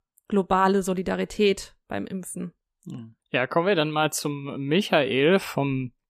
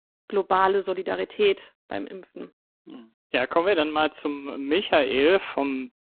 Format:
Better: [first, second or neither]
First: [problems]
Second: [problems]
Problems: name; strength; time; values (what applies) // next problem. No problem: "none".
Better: first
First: none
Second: phone-call audio; poor line